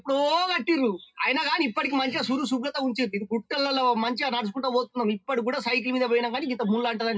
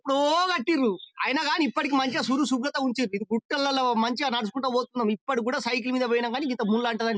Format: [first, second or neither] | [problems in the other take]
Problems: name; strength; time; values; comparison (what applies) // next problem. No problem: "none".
second | room echo; dies away in 0.2 s